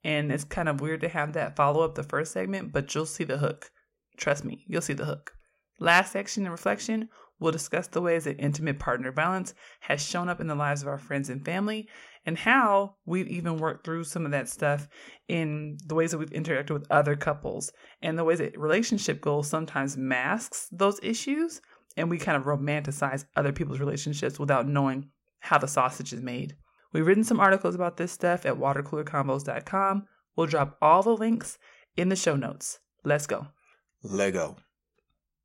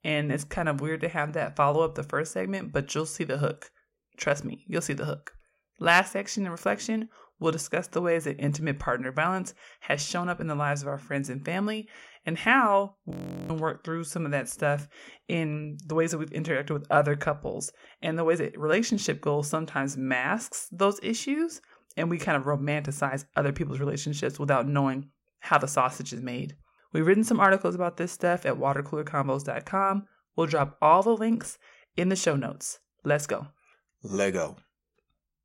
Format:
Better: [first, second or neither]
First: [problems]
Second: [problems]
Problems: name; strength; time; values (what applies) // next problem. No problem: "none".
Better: first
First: none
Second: audio freezing; at 13 s